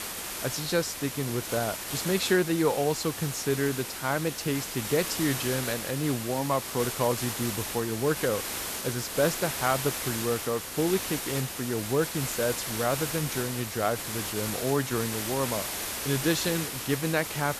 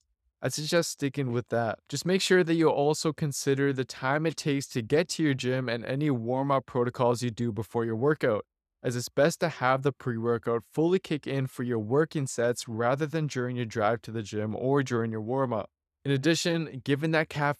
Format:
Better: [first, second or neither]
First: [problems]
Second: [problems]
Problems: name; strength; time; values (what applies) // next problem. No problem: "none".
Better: second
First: hiss; loud; throughout; 3 dB below the speech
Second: none